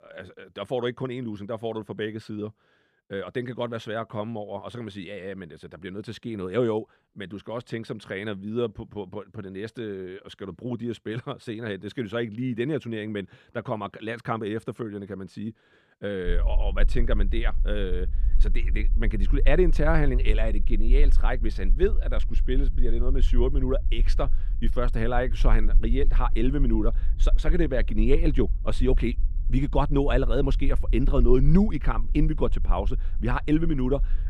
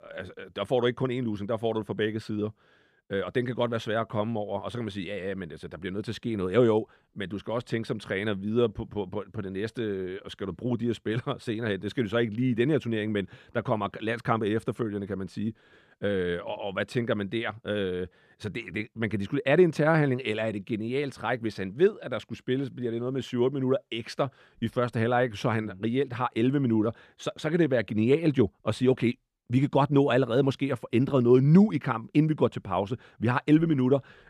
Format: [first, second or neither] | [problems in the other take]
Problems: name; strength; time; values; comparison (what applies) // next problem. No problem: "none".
second | low rumble; faint; from 16 s on; 20 dB below the speech